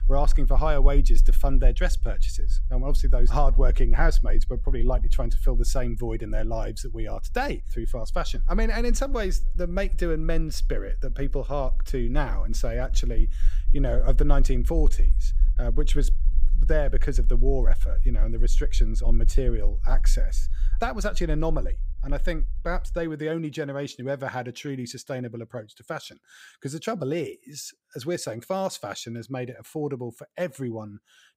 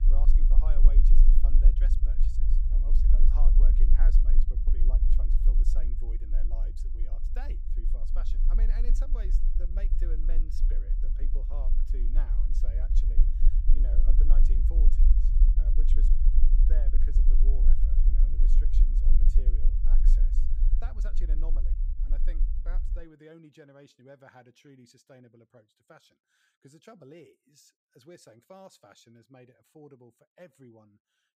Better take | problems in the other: first | low rumble; loud; until 23 s; 1 dB below the speech; faint in the first

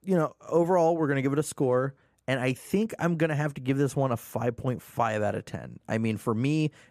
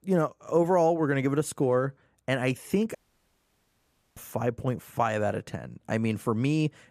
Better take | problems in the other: first | audio cutting out; at 3 s for 1 s

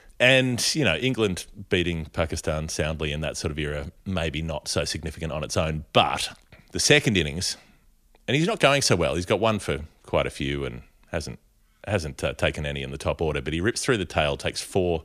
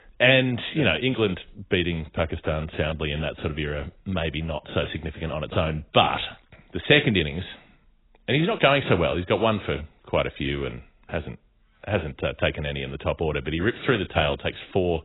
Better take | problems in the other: first | garbled, watery; badly; nothing above 4 kHz

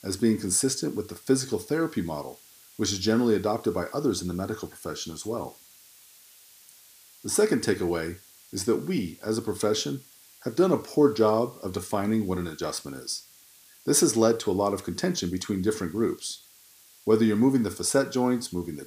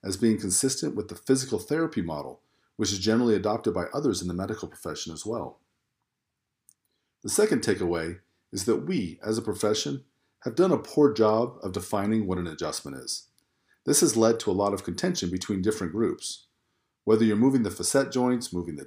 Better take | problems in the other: second | hiss; faint; throughout; 25 dB below the speech

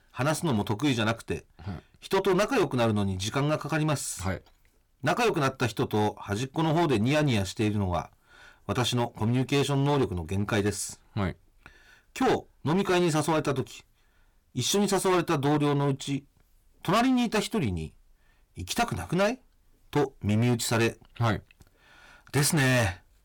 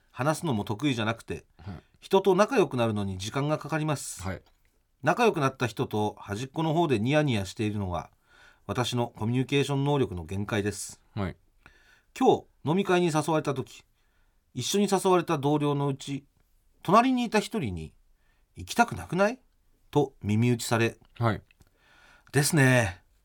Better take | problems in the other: second | distortion; heavy; 10% of the sound clipped

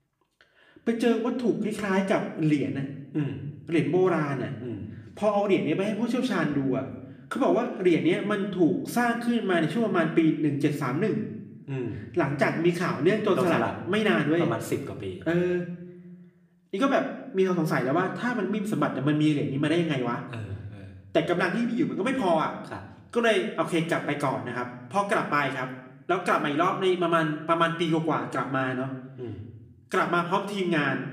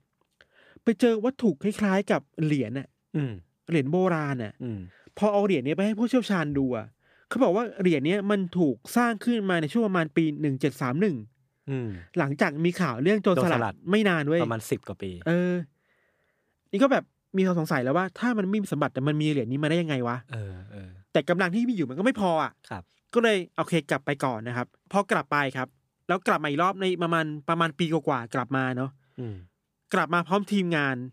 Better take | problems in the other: second | room echo; slight; dies away in 0.7 s // off-mic speech; somewhat distant

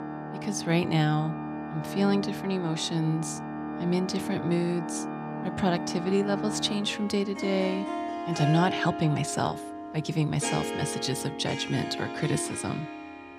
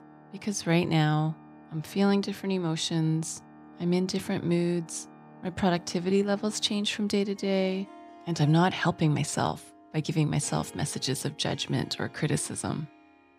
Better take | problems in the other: second | background music; loud; throughout; 6 dB below the speech; faint in the second

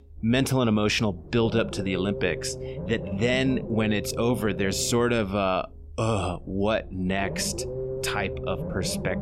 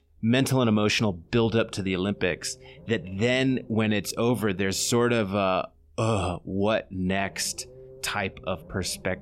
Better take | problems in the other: second | low rumble; loud; throughout; 9 dB below the speech; faint in the second

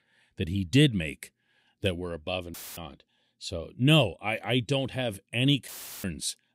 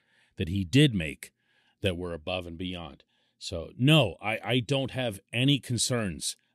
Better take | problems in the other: second | audio cutting out; filled with static; at 2.5 s and at 5.5 s

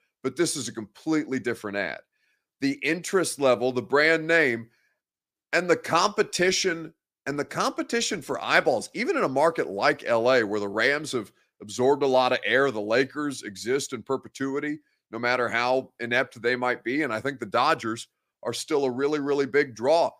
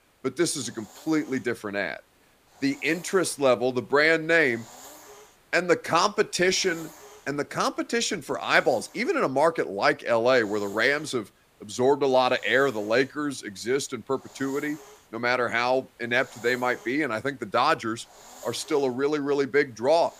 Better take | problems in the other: first | hiss; faint; throughout; 25 dB below the speech

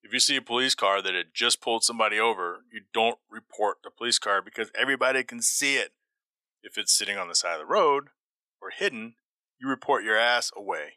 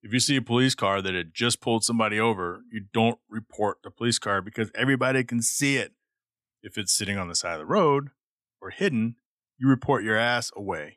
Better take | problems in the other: second | thin; somewhat; fading below 550 Hz

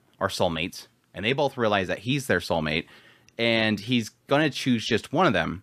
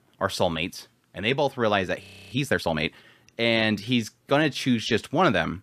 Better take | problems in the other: first | audio freezing; at 2 s

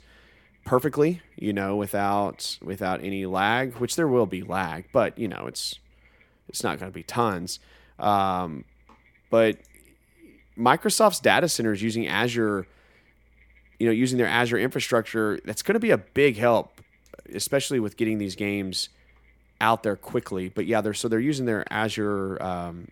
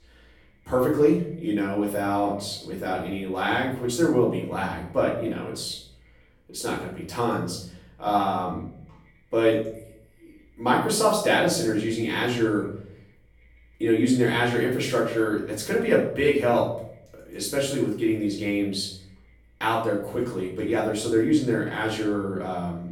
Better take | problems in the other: first | room echo; noticeable; dies away in 0.6 s // off-mic speech; far

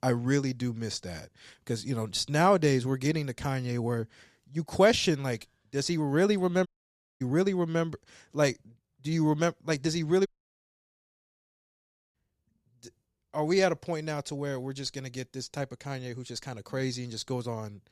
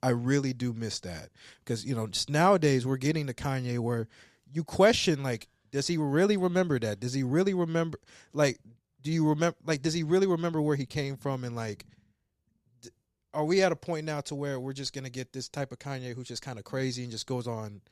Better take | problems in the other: second | audio cutting out; at 6.5 s for 0.5 s and at 10 s for 2 s

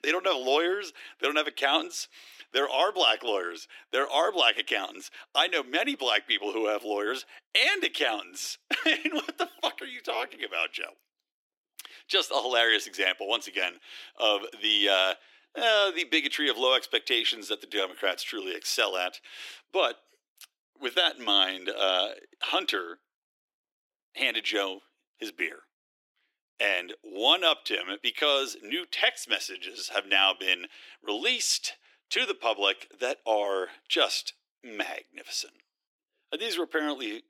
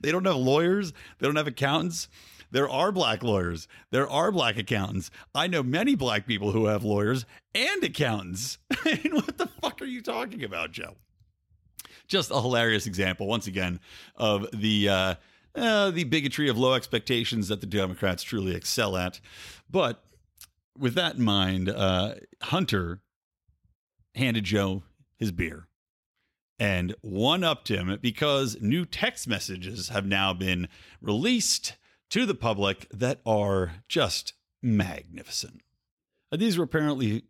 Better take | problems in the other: second | thin; very; fading below 300 Hz

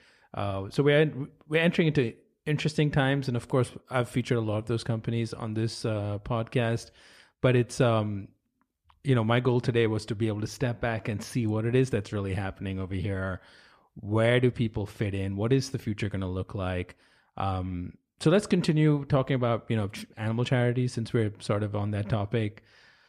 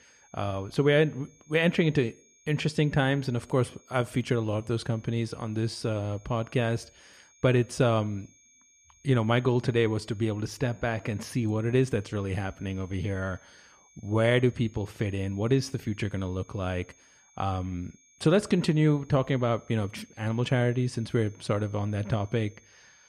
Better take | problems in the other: first | high-pitched whine; faint; throughout; 6.5 kHz, 30 dB below the speech

